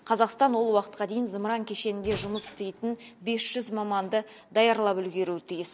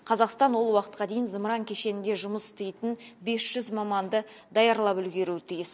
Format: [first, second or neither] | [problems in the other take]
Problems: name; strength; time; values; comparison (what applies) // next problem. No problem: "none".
second | background sound (Squeak / Wood); 16 dB below the speech